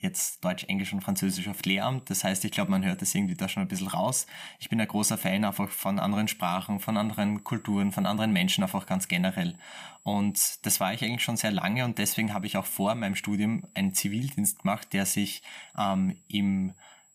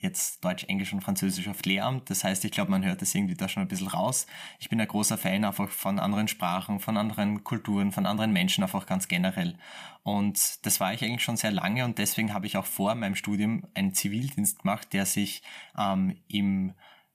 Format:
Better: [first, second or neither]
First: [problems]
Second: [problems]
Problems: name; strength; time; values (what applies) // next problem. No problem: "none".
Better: second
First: high-pitched whine; faint; from 1 to 3.5 s, from 6 to 11 s and from 12 s on; 7.5 kHz, 30 dB below the speech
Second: none